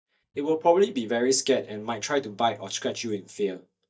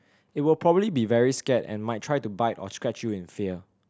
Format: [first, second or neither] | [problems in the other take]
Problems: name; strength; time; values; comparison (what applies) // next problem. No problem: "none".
second | noise reduction (neural mask model DeepFilterNet 3)